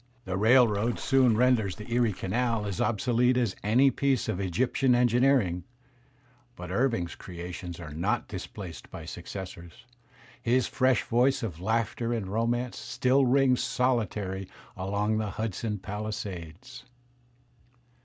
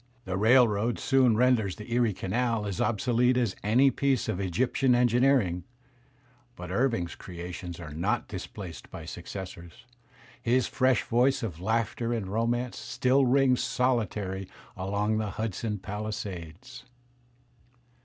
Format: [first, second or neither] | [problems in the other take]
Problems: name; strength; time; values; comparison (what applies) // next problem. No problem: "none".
second | background sound (Splash, splatter); 11 dB below the speech